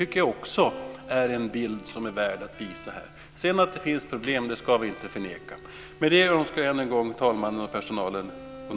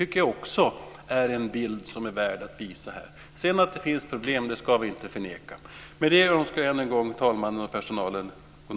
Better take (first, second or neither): second